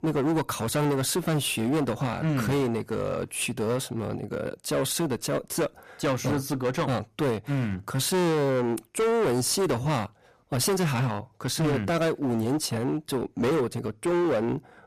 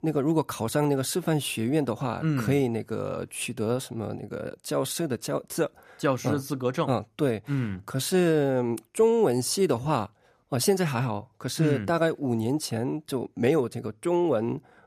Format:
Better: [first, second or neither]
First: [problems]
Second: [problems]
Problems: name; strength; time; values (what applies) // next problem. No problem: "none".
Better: second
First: distortion; heavy; 18% of the sound clipped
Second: none